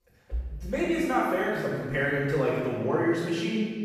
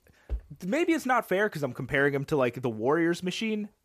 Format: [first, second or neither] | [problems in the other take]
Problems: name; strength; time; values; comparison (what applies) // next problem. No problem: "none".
second | off-mic speech; far // room echo; strong; dies away in 1.4 s